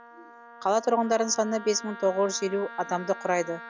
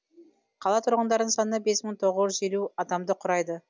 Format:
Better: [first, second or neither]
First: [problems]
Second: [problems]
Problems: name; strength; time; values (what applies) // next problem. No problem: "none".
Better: second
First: background sound (Wind instrument, woodwind instrument); 16 dB below the speech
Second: none